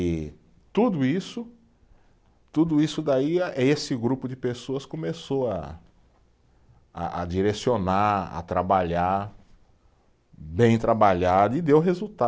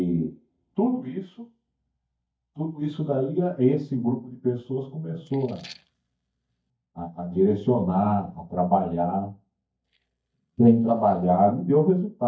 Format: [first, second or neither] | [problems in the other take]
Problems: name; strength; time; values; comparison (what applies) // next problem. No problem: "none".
first | noise reduction (neural mask model DeepFilterNet 3)